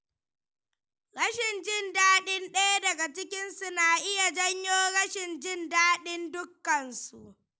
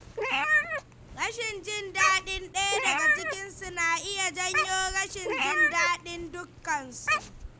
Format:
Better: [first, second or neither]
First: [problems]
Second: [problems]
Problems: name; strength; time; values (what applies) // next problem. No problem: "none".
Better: first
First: none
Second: background sound (Meow); 1 dB above the speech